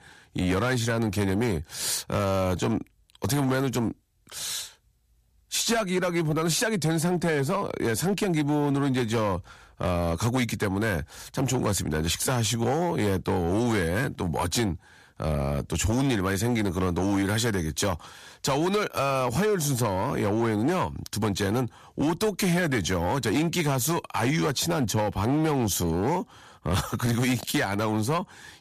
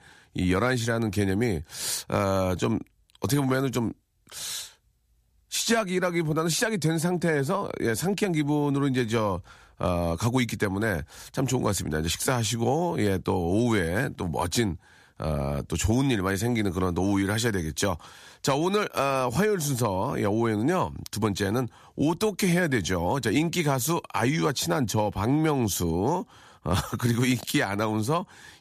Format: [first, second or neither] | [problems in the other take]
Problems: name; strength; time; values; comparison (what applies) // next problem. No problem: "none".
second | distortion; slight; 11% of the sound clipped